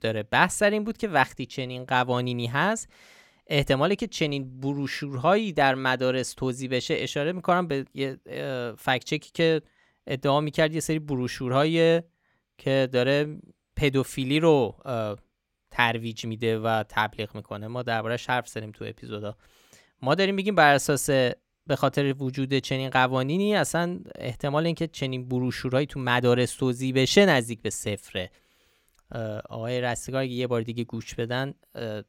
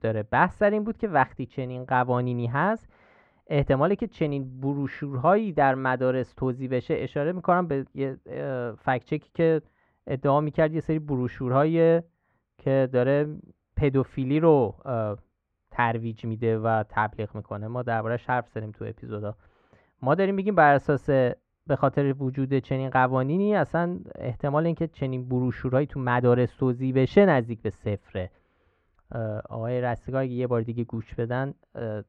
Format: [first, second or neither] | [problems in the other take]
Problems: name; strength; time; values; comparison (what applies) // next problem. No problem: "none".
first | muffled; very; fading above 1 kHz